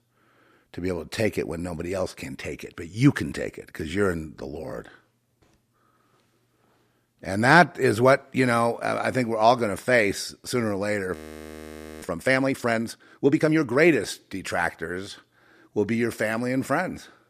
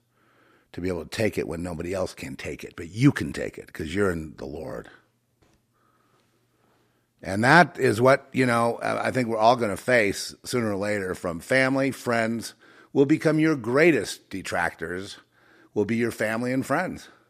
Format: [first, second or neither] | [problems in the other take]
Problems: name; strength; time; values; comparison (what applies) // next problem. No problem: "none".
second | audio freezing; at 11 s for 1 s